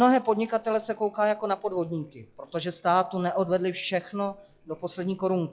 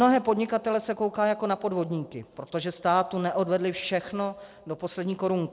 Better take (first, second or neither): second